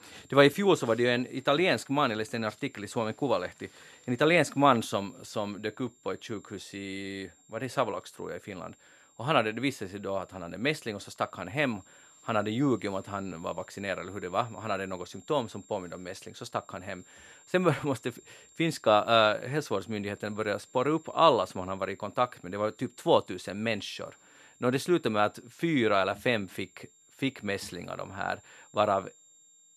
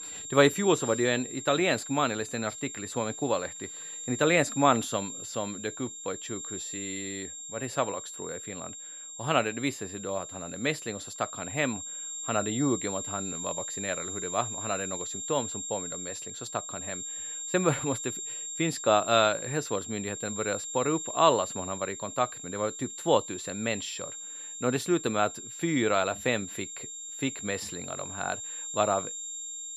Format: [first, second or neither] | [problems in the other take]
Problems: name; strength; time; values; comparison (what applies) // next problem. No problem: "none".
first | high-pitched whine; loud; throughout; 7.5 kHz, 7 dB below the speech; faint in the first